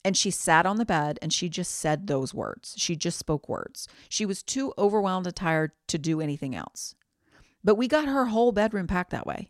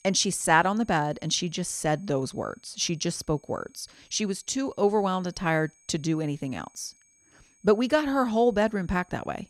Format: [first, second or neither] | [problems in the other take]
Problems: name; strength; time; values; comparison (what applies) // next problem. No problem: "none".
first | high-pitched whine; faint; throughout; 6.5 kHz, 35 dB below the speech